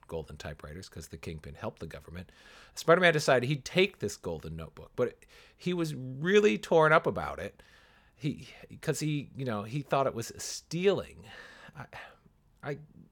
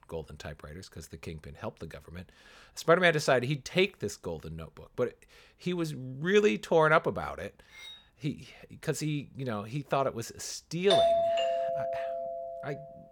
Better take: first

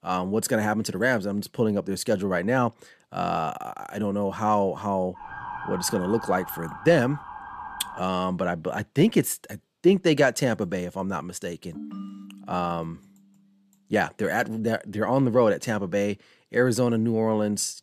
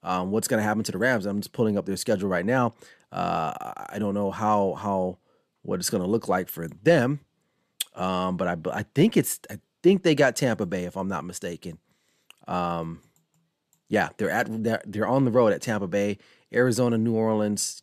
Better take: second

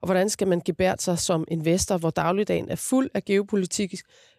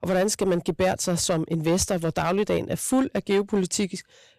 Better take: first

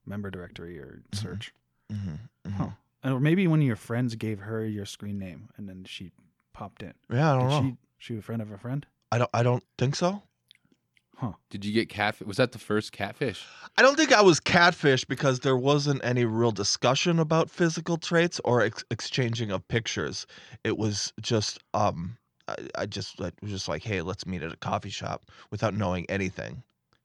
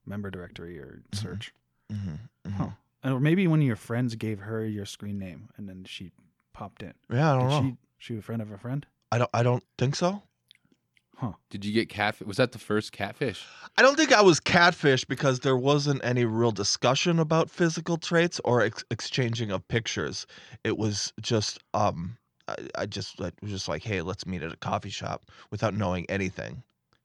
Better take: neither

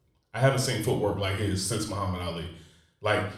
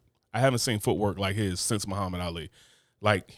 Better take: second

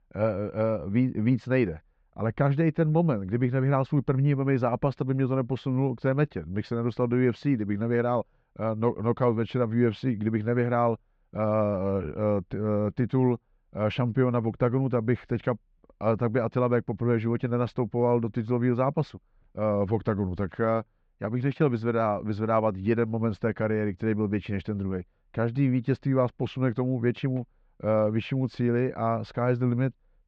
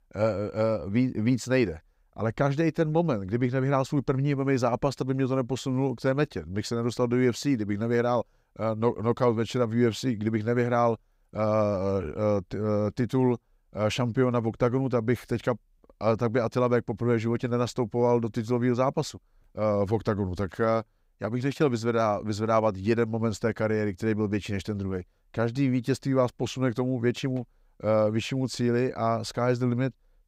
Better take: second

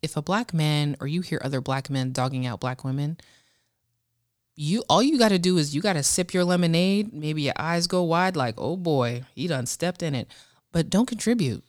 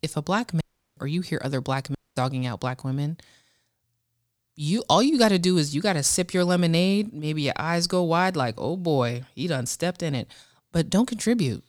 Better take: first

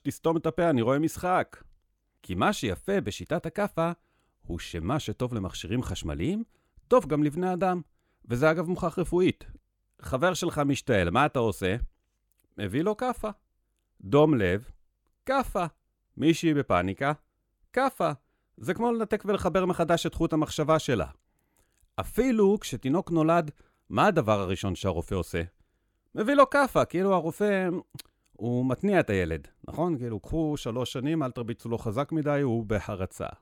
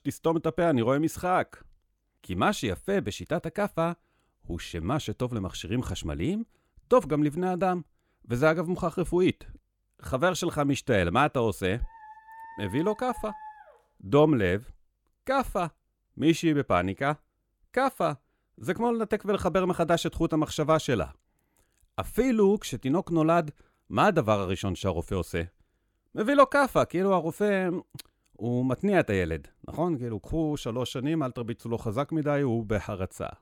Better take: first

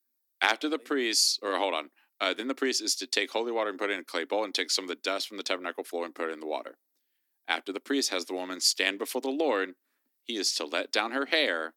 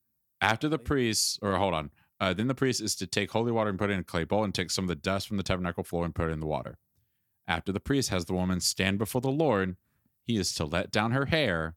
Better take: second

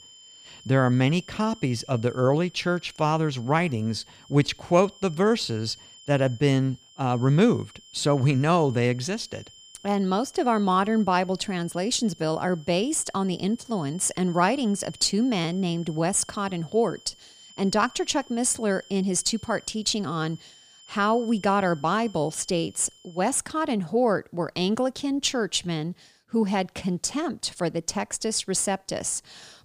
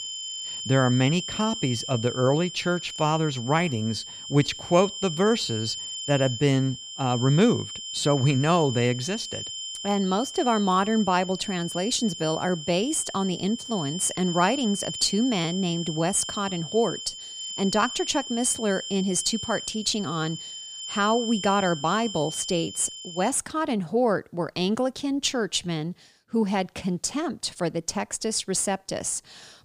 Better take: first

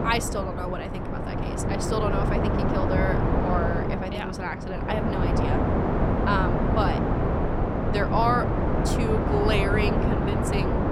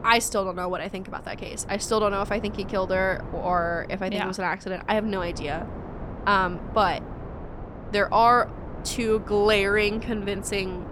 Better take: second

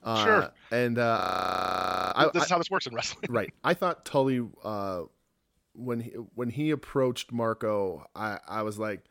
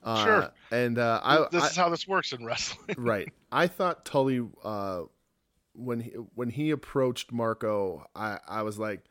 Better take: second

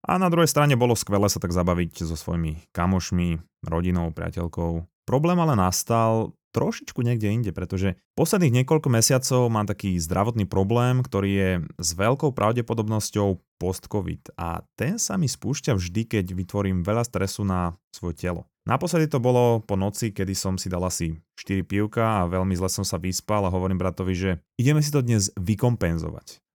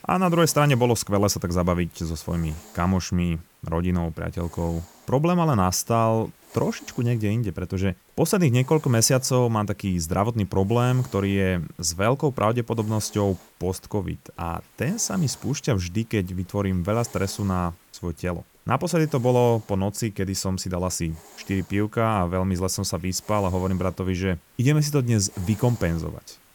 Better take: first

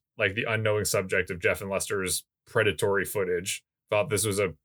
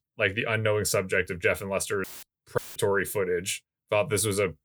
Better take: first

